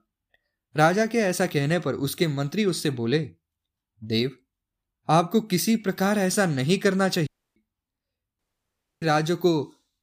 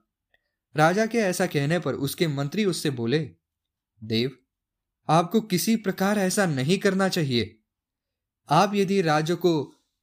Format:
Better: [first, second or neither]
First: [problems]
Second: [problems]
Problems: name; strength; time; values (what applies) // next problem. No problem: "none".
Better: second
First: audio cutting out; at 7.5 s and at 8.5 s for 0.5 s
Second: none